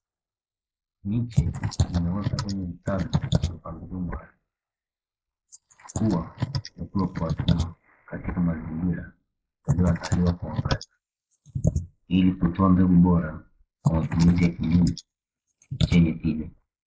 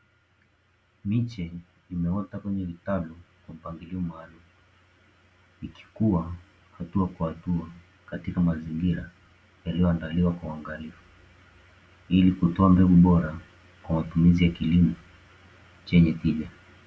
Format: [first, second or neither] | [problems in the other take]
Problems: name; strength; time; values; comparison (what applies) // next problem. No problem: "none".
second | noise reduction (neural mask model Resemble Enhance denoiser)